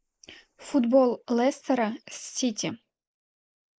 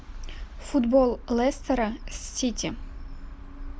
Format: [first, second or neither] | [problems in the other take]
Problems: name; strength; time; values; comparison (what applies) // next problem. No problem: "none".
second | noise reduction (neural mask model Resemble Enhance denoiser)